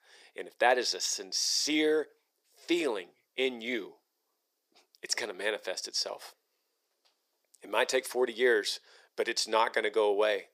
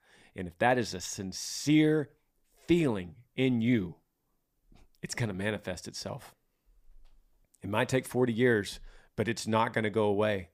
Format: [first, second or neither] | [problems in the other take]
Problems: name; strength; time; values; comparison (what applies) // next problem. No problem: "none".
second | thin; very; fading below 400 Hz